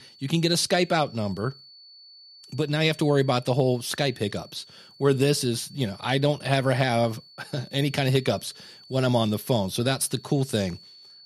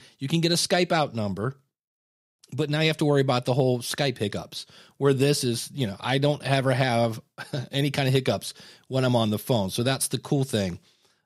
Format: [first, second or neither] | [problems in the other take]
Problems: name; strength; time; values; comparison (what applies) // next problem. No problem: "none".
second | high-pitched whine; faint; throughout; 4.5 kHz, 25 dB below the speech